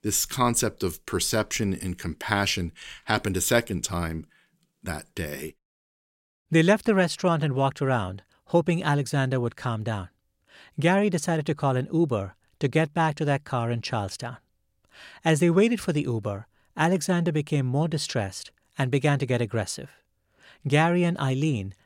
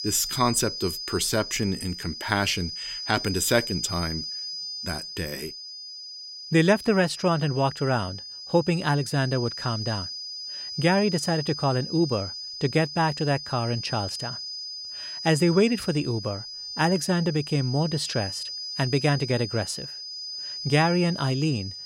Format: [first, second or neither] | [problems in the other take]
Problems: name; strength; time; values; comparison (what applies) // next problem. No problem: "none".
first | high-pitched whine; loud; throughout; 5 kHz, 8 dB below the speech